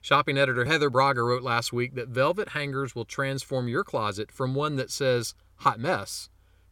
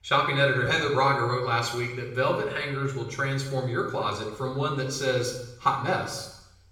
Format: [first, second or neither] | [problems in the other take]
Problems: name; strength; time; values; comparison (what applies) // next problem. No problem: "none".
first | room echo; noticeable; dies away in 0.8 s // off-mic speech; far